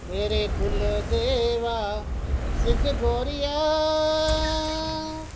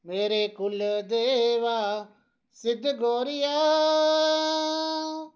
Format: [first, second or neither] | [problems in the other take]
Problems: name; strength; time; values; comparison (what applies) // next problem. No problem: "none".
second | background sound (Engine + Fire); 1 dB below the speech